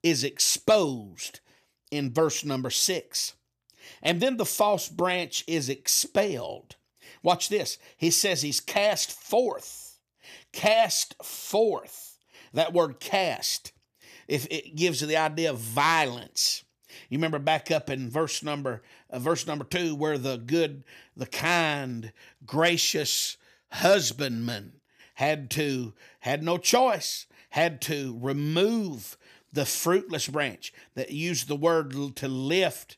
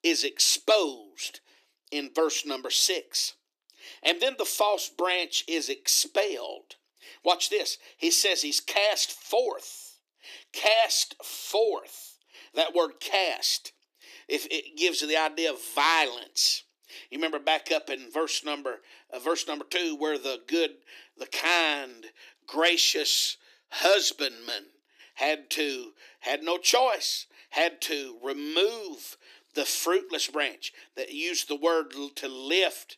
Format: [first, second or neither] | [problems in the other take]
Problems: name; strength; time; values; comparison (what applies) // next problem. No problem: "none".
first | thin; somewhat; fading below 300 Hz